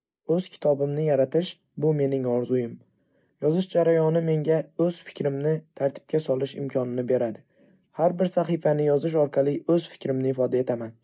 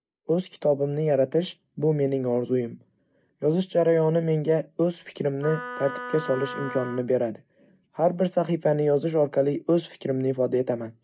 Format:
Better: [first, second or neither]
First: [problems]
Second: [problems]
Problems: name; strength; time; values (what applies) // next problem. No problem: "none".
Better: first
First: none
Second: background sound (Wind instrument, woodwind instrument); 11 dB below the speech